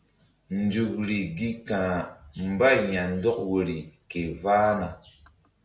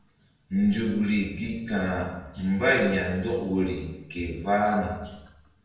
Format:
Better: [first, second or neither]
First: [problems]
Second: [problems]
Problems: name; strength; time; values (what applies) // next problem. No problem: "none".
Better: first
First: none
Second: room echo; dies away in 0.8 s